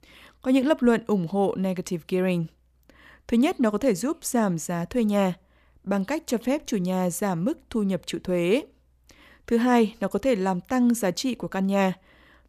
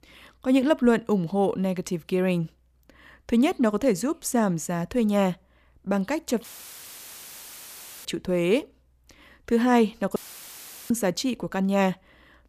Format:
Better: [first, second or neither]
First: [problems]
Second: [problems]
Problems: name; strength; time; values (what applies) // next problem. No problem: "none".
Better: first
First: none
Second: audio cutting out; filled with static; at 6.5 s for 1.5 s and at 10 s for 0.5 s